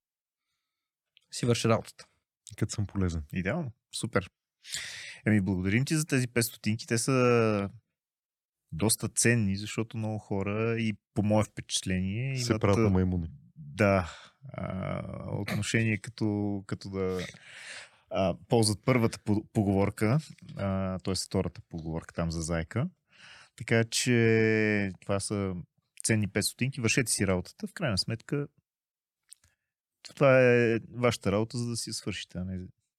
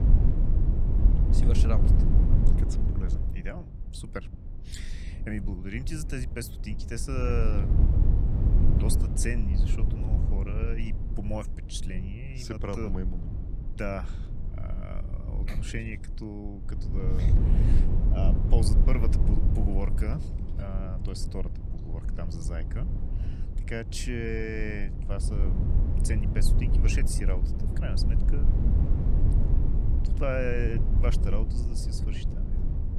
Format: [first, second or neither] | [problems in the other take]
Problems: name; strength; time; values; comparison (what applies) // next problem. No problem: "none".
first | low rumble; loud; throughout; 4 dB below the speech